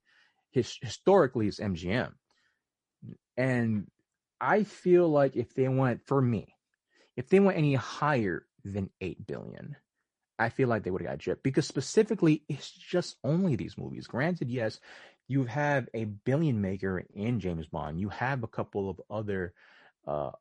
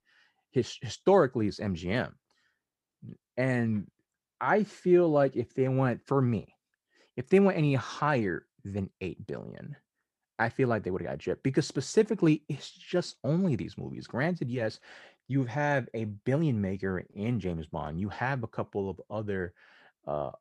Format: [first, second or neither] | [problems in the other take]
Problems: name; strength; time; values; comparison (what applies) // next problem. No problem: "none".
second | garbled, watery; slightly